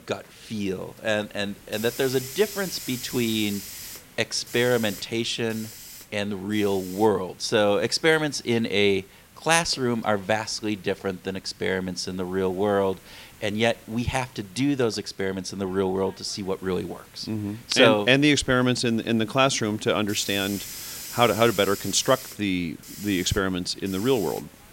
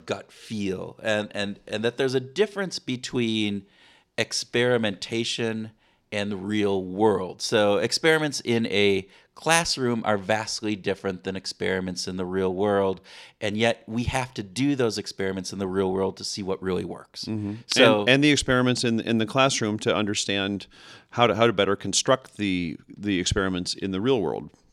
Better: second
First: hiss; noticeable; throughout; 15 dB below the speech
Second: none

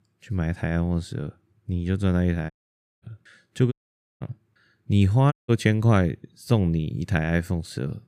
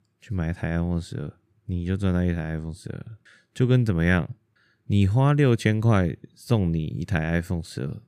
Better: second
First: audio cutting out; at 2.5 s for 0.5 s, at 3.5 s and at 5.5 s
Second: none

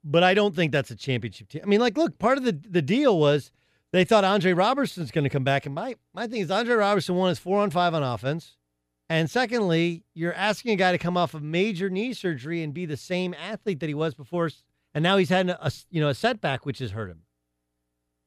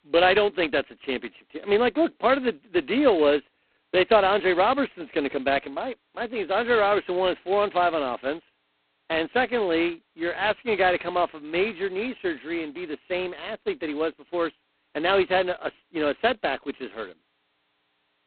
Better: first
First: none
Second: phone-call audio; poor line; nothing above 4 kHz

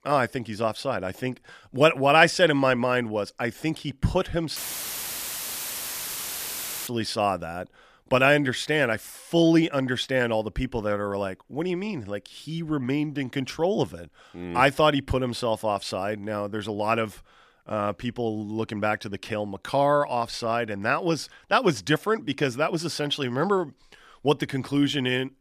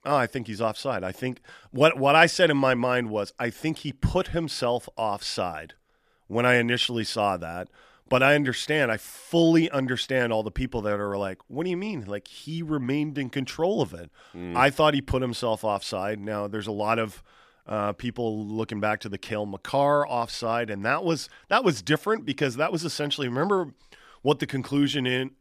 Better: second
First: audio cutting out; filled with static; at 4.5 s for 2.5 s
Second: none

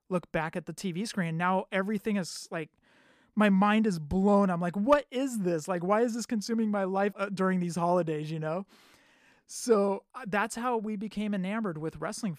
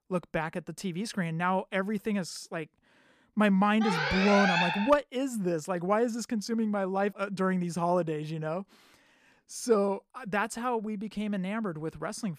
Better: first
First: none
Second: alarm; loud; from 4 to 5 s; peak 4 dB above the speech

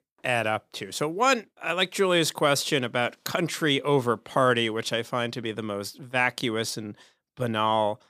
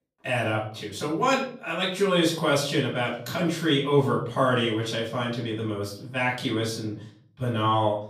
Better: first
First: none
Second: off-mic speech; far // room echo; slight; dies away in 0.6 s

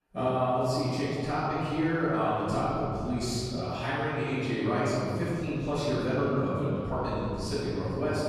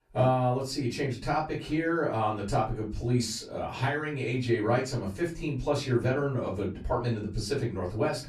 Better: second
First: room echo; strong; dies away in 2.5 s // off-mic speech; far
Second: room echo; slight; dies away in 0.3 s // off-mic speech; far

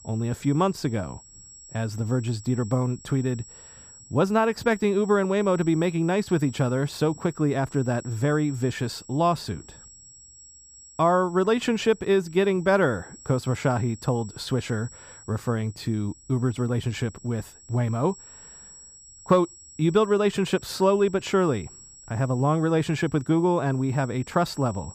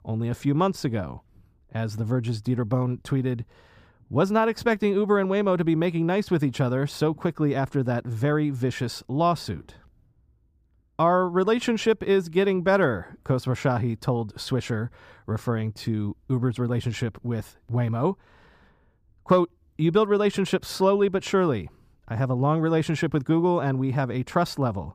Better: second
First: high-pitched whine; faint; throughout; 7.5 kHz, 20 dB below the speech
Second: none

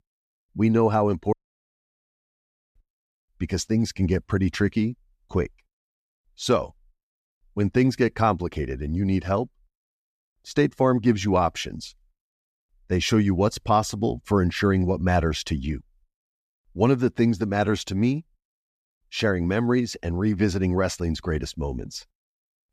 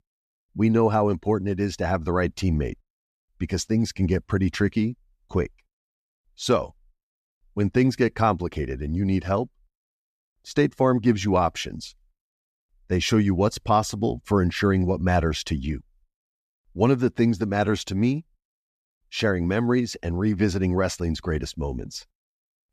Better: second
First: audio cutting out; at 1.5 s for 1.5 s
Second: none

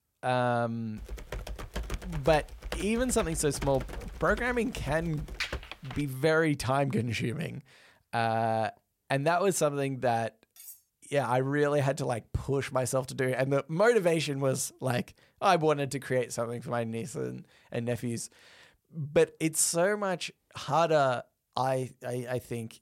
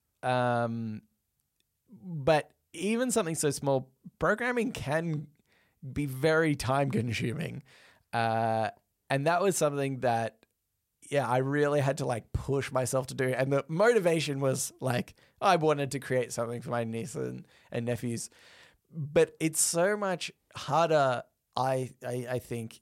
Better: second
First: keyboard typing; noticeable; from 1 to 6 s; peak 5 dB below the speech // clattering dishes; faint; at 11 s; peak 20 dB below the speech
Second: none

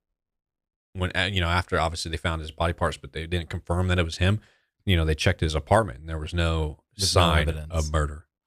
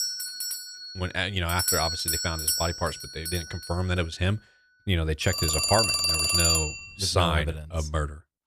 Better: first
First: none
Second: alarms or sirens; very loud; throughout; 3 dB above the speech

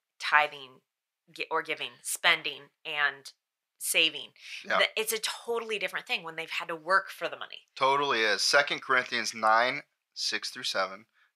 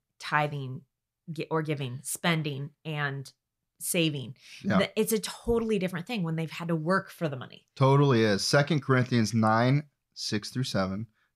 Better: second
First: thin; very; fading below 700 Hz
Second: none

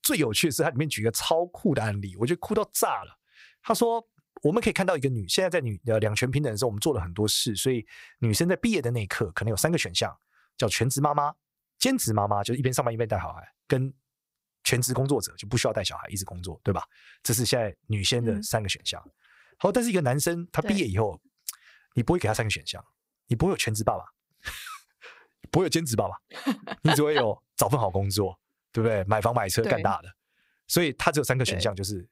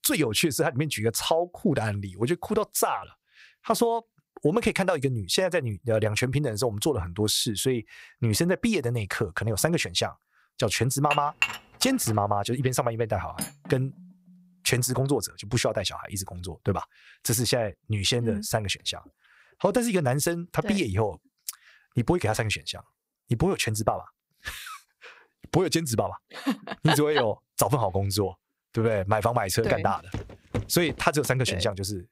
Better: first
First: none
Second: clattering dishes; loud; from 11 to 12 s; peak level with the speech // clattering dishes; noticeable; at 13 s; peak 9 dB below the speech // footsteps; noticeable; from 30 to 31 s; peak 8 dB below the speech

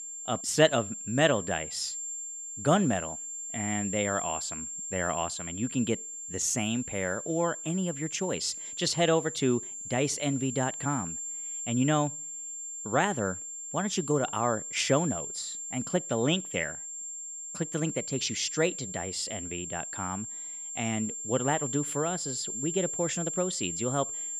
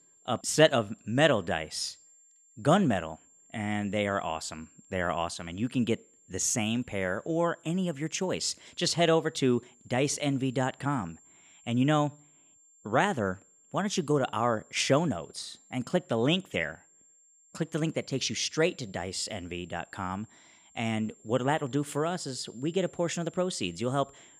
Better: second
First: high-pitched whine; loud; throughout; 7.5 kHz, 5 dB below the speech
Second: high-pitched whine; faint; throughout; 7.5 kHz, 30 dB below the speech

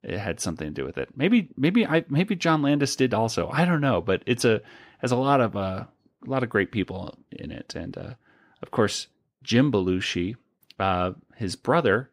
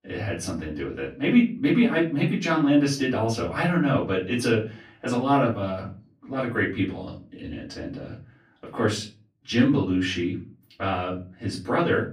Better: first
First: none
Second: room echo; slight; dies away in 0.3 s // off-mic speech; far

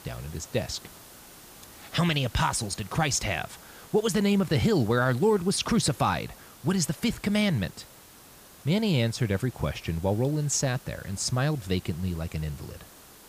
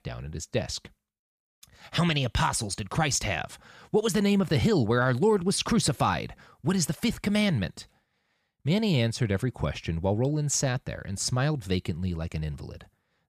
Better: second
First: hiss; faint; throughout; 20 dB below the speech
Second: none

